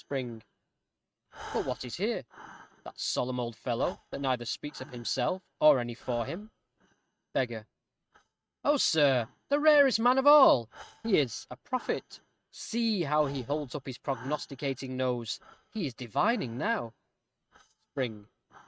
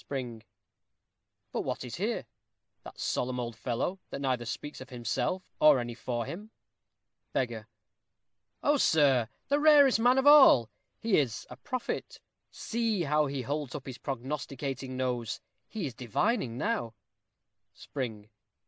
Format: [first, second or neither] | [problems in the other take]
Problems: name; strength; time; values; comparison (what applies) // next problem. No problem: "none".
second | noise reduction (neural mask model RNNoise)